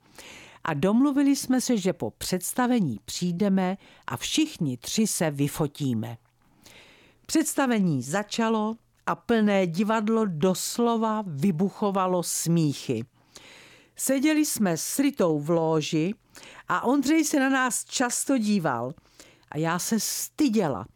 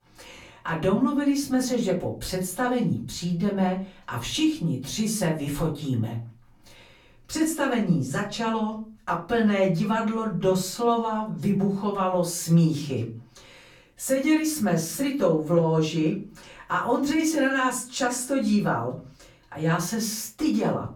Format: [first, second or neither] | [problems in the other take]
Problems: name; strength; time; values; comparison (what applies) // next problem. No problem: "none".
first | room echo; slight; dies away in 0.3 s // off-mic speech; far